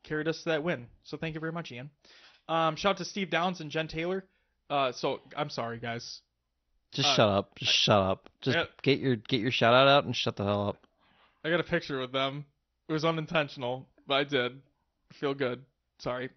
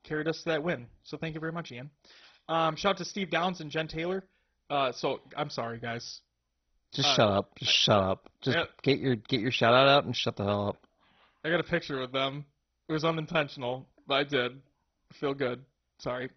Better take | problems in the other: first | garbled, watery; badly; nothing above 6 kHz; slightly in the first

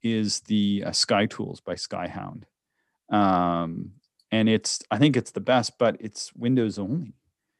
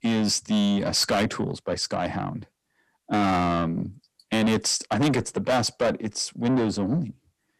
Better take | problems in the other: first | distortion; heavy; 7 dB below the speech

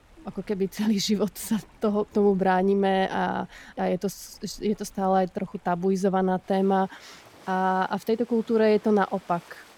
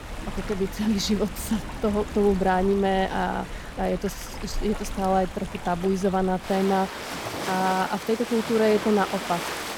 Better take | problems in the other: first | rain or running water; loud; throughout; 9 dB below the speech; faint in the first

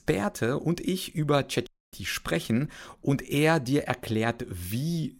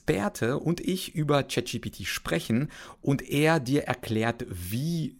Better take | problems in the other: second | audio cutting out; at 1.5 s

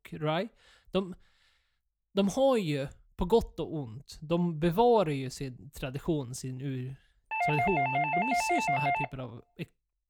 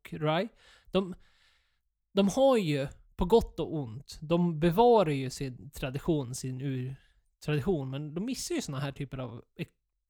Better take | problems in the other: second | doorbell; loud; from 7.5 to 9 s; peak 3 dB above the speech

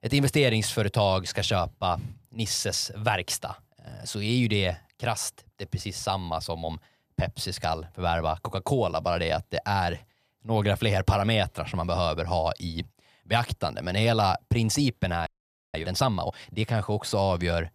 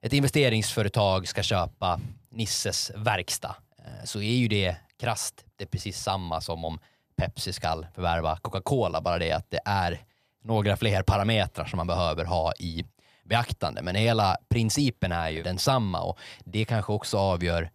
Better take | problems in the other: second | audio freezing; at 15 s

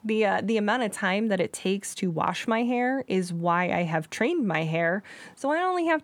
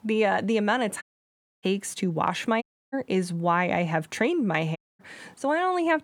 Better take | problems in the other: first | audio cutting out; at 1 s for 0.5 s, at 2.5 s and at 5 s

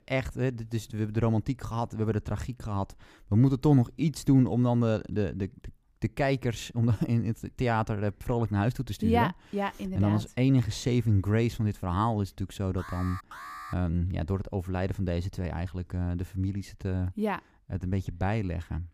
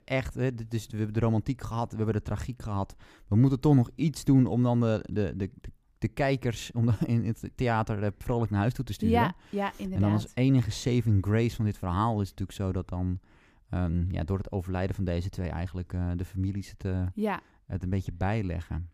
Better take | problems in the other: second | alarm; faint; at 13 s; peak 10 dB below the speech

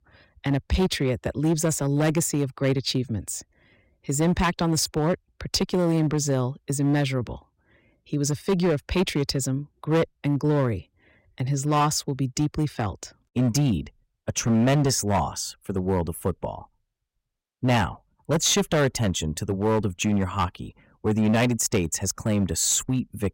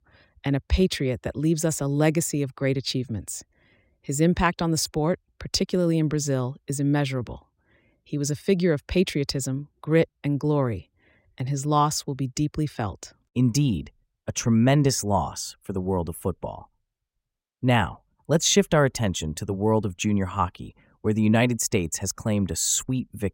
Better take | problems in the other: second | distortion; slight; 7% of the sound clipped

